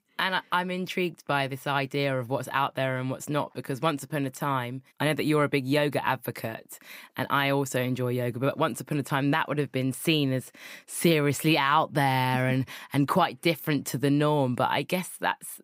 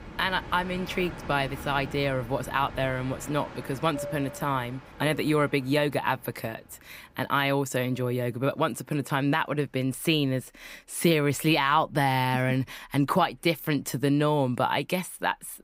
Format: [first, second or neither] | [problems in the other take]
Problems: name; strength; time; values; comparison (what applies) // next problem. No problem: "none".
first | train or aircraft noise; noticeable; throughout; 15 dB below the speech